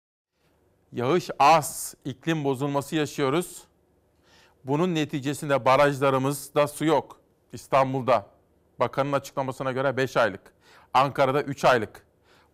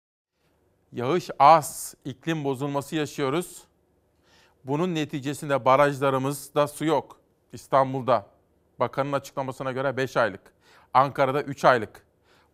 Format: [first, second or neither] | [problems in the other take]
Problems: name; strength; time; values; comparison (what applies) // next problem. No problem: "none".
second | distortion; slight; 1.4% of the sound clipped